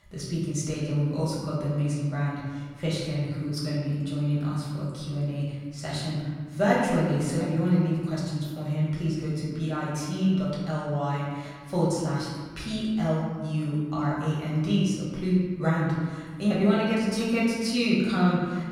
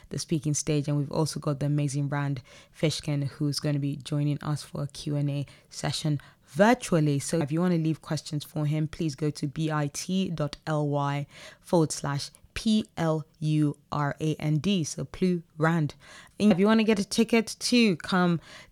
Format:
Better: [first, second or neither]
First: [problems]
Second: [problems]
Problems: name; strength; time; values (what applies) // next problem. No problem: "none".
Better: second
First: room echo; noticeable; dies away in 1.5 s // off-mic speech; far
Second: none